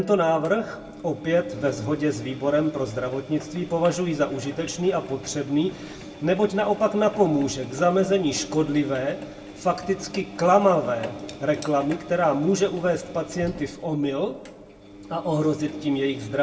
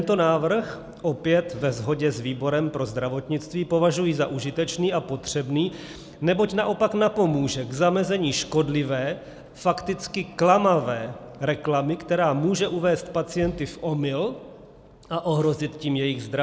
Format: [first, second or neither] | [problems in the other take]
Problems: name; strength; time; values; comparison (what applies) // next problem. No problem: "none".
second | background sound (Engine); 17 dB below the speech // room echo; dies away in 0.2 s